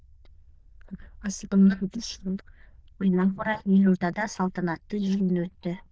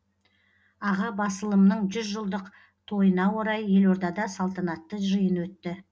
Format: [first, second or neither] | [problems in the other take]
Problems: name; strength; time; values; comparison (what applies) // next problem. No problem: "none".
second | noise reduction (neural diffusion model UNIVERSE++)